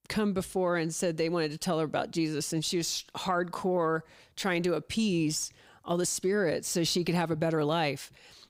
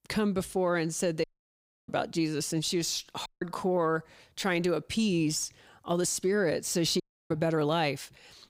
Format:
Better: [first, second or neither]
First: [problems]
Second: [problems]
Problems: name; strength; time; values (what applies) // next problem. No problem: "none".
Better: first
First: none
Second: audio cutting out; at 1 s for 0.5 s, at 3.5 s and at 7 s